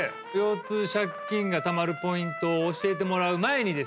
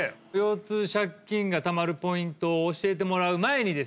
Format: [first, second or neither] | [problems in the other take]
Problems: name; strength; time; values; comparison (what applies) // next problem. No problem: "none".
second | background sound (Trumpet); 11 dB below the speech